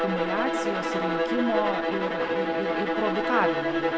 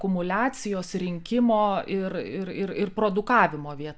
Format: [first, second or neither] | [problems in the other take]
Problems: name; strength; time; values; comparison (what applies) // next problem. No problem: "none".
second | background sound (Bowed string instrument); 4 dB above the speech